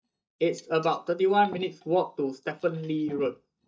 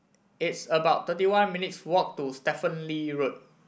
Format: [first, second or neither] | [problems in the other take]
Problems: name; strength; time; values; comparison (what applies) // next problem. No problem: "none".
second | noise reduction (neural mask model DeepFilterNet 3)